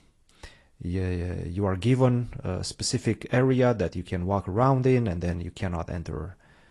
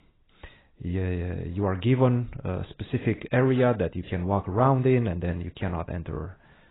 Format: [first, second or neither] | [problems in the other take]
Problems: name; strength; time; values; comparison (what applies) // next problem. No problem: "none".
first | garbled, watery; badly; nothing above 4 kHz; slightly in the first